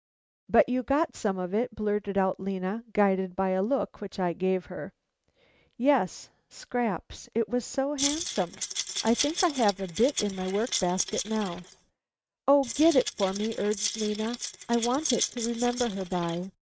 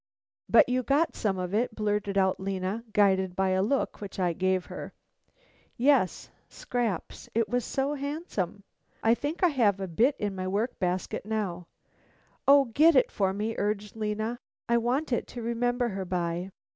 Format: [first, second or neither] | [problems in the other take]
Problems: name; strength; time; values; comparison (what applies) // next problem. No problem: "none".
second | noise reduction (neural mask model RNNoise)